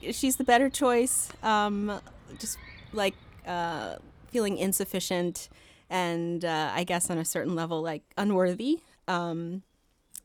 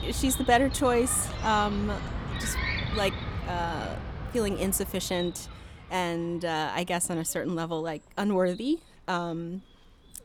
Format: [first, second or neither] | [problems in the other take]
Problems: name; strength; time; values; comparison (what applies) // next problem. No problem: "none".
first | animal sounds; loud; throughout; 6 dB below the speech; faint in the first